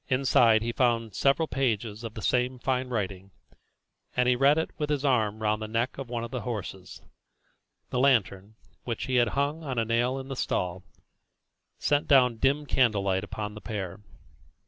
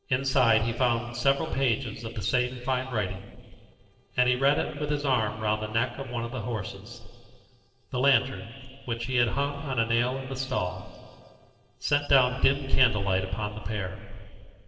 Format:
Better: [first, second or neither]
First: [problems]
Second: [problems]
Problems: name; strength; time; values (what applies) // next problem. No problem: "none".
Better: first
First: none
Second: noise reduction (neural separator model SepFormer DNS4)